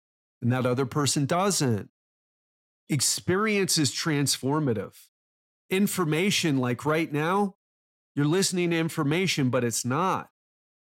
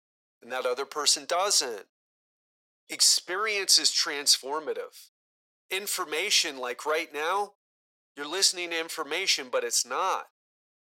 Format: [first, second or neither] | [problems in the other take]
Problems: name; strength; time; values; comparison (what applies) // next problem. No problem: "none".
first | thin; very; fading below 500 Hz